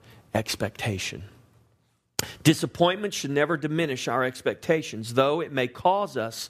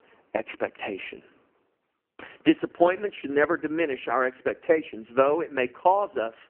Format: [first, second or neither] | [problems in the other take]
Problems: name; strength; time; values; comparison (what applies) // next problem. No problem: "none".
first | phone-call audio; poor line; nothing above 3 kHz